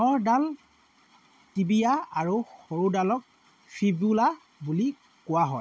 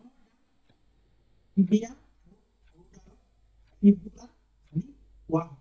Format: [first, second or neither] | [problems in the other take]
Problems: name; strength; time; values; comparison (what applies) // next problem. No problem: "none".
first | noise reduction (neural mask model DeepFilterNet 3)